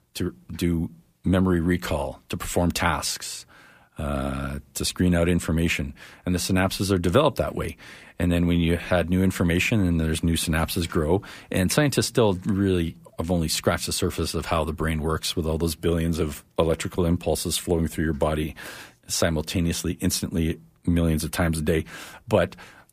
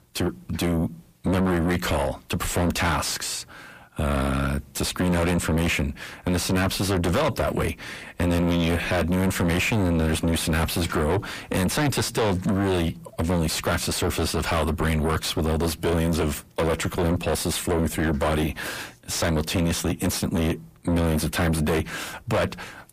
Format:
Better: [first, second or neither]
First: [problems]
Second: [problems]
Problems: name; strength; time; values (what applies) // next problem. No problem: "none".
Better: first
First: none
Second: distortion; heavy; 5 dB below the speech